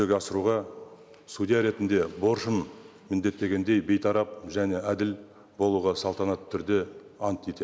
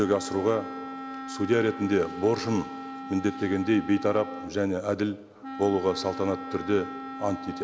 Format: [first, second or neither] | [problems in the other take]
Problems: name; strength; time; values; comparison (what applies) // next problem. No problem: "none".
first | background sound (Wind instrument, woodwind instrument); 11 dB below the speech